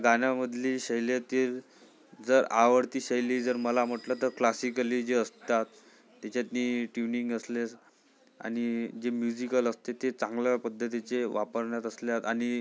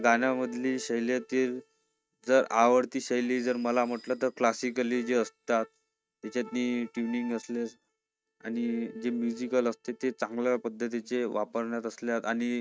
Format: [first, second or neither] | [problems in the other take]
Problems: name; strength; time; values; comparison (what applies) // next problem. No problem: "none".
first | noise reduction (neural mask model RNNoise)